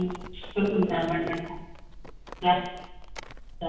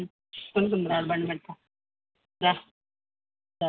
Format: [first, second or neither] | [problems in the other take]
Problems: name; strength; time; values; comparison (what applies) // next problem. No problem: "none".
second | background sound (Livestock, farm animals, working animals); 12 dB below the speech // room echo; dies away in 0.9 s